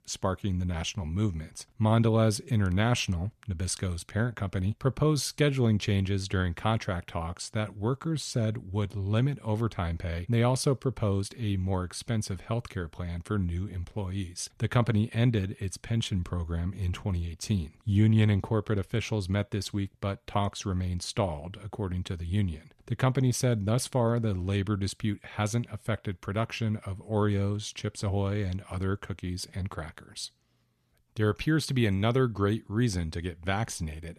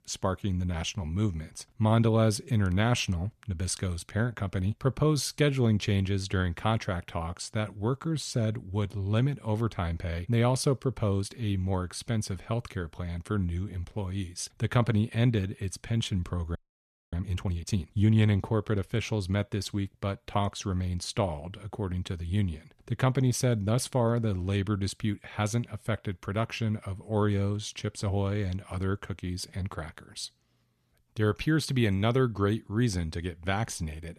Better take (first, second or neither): first